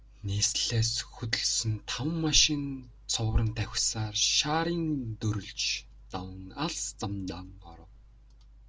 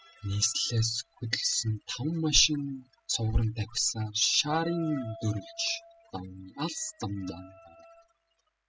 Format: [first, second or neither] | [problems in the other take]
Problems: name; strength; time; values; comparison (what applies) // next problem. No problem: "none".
first | noise reduction (classical method spectral subtraction)